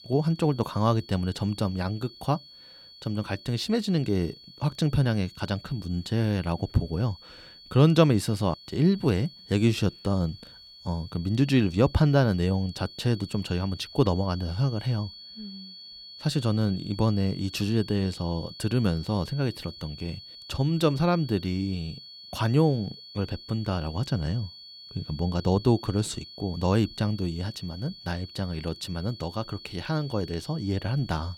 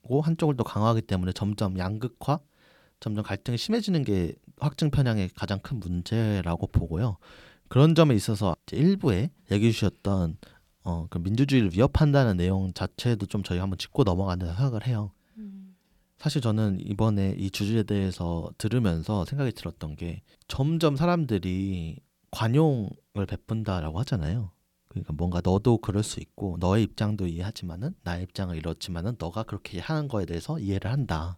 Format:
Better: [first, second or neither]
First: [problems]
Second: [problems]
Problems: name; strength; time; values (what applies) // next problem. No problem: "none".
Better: second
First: high-pitched whine; noticeable; throughout; 4.5 kHz, 15 dB below the speech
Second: none